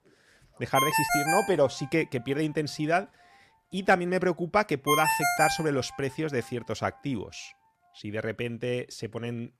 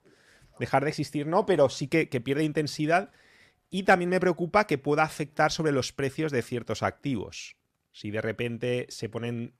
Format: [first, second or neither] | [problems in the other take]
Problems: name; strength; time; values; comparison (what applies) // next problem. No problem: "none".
second | phone ringing; loud; from 1 to 5.5 s; peak 4 dB above the speech